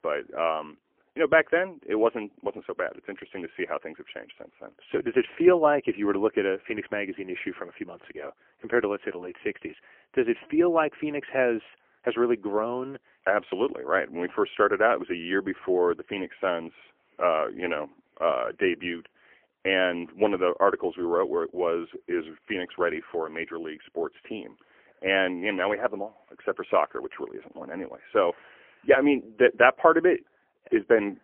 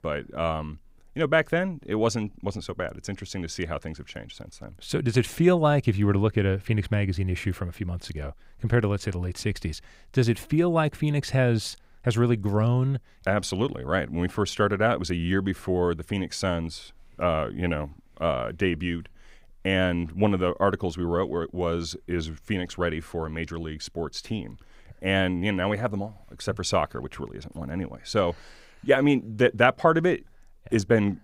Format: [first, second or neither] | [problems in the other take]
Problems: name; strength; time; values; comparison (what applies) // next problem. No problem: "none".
second | phone-call audio; poor line; nothing above 3 kHz